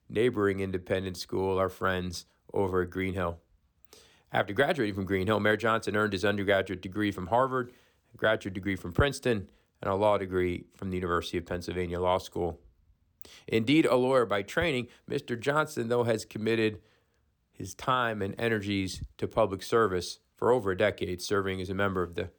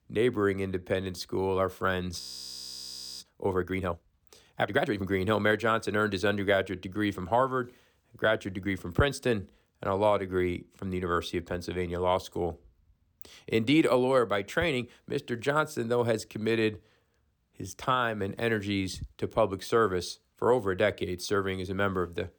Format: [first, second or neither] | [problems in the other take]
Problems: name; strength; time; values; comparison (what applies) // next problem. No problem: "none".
first | audio freezing; at 2 s for 1 s